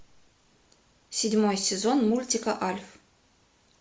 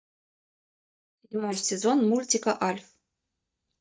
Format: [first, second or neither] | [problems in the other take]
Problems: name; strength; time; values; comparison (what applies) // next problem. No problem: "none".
first | noise reduction (neural mask model DeepFilterNet 3)